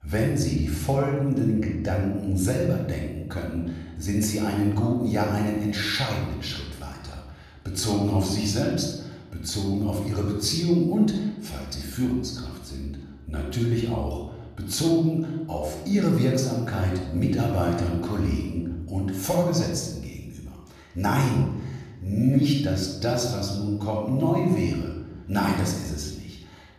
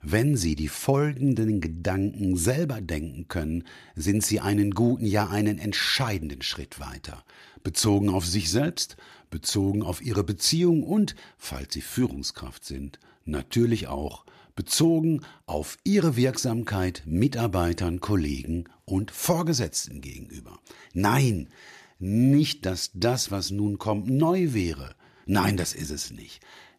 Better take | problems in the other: second | off-mic speech; somewhat distant // room echo; noticeable; dies away in 1 s

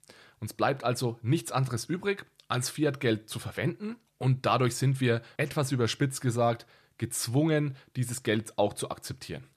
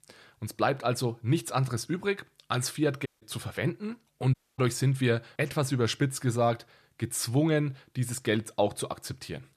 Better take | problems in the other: first | audio cutting out; at 3 s and at 4.5 s

